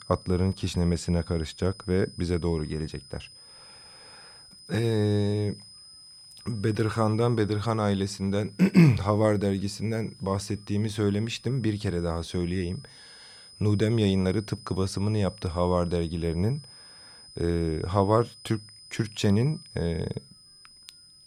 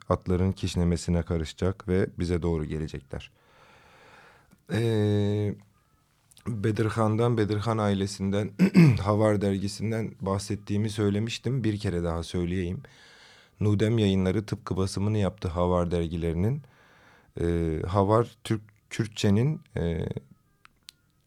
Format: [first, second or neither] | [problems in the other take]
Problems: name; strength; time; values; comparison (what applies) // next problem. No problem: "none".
second | high-pitched whine; faint; throughout; 5 kHz, 20 dB below the speech